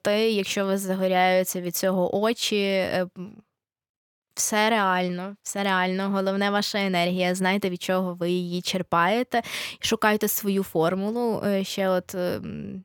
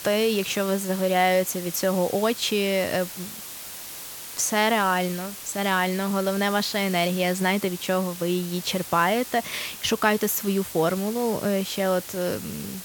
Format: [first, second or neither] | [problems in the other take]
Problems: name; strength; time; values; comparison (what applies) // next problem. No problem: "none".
first | hiss; noticeable; throughout; 10 dB below the speech